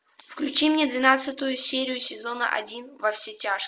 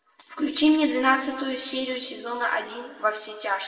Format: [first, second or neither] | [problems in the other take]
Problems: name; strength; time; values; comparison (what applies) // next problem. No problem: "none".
first | room echo; dies away in 1.4 s